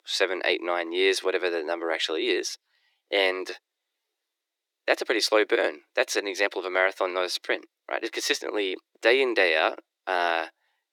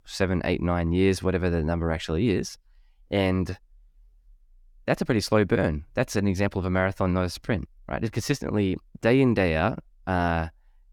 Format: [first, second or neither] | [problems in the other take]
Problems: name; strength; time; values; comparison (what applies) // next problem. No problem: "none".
second | thin; very; fading below 350 Hz